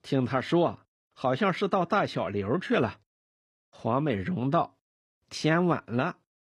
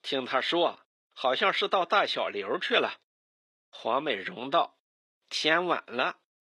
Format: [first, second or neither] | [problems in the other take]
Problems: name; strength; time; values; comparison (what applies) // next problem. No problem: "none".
first | thin; somewhat; fading below 450 Hz